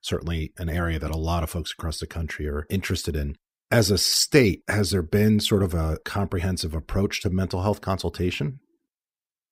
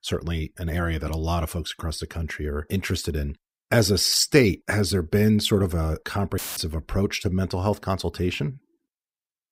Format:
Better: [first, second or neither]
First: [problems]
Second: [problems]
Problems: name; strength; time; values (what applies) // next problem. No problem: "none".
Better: first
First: none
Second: audio cutting out; filled with static; at 6.5 s